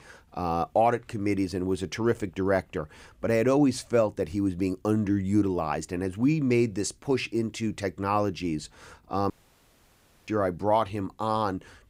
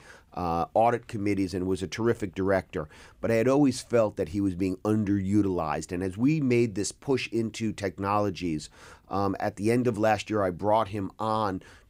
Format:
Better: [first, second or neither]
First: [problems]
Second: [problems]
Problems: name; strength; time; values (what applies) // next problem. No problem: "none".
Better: second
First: audio cutting out; at 9.5 s for 1 s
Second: none